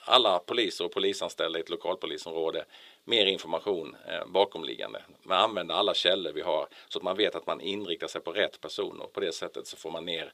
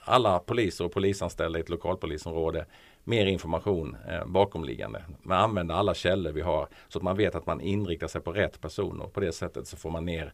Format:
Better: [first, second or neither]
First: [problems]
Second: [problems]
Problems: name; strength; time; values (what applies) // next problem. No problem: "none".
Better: second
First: thin; somewhat; fading below 400 Hz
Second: none